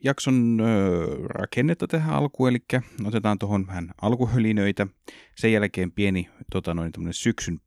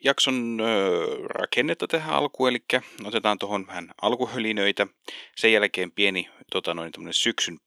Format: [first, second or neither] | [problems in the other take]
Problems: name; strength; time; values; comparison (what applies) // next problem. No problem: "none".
first | thin; somewhat; fading below 450 Hz